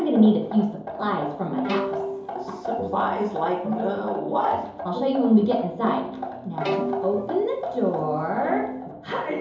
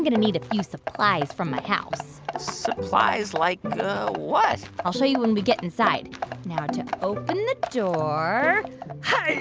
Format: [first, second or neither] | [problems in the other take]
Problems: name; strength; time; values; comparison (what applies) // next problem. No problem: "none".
second | background sound (Bowed string instrument); 9 dB below the speech // room echo; dies away in 2.8 s